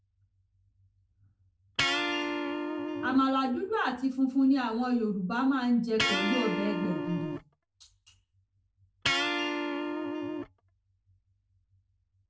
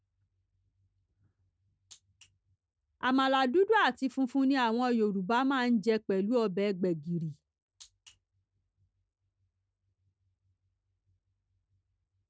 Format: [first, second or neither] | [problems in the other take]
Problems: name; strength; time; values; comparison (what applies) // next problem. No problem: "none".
second | background sound (Electric guitar); 1 dB below the speech // room echo; dies away in 0.3 s